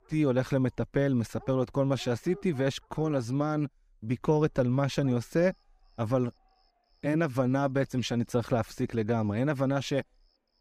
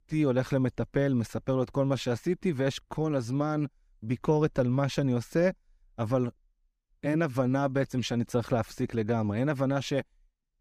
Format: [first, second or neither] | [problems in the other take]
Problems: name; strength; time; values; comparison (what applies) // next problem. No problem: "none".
second | animal sounds; faint; throughout; 25 dB below the speech